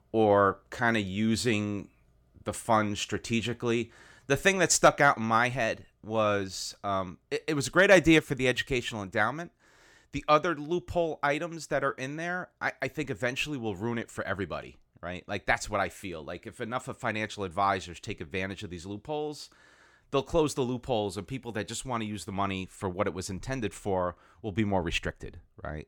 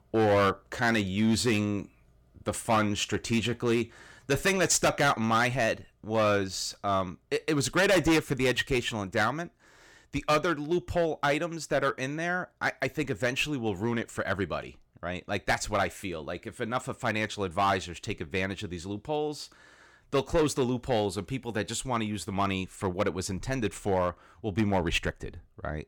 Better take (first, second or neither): first